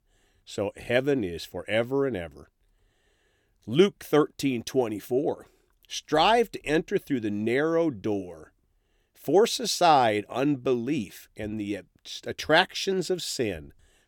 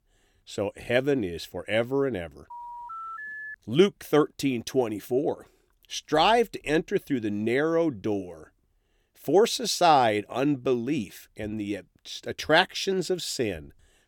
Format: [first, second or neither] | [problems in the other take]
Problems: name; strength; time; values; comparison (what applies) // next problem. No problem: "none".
first | phone ringing; faint; from 2.5 to 3.5 s; peak 10 dB below the speech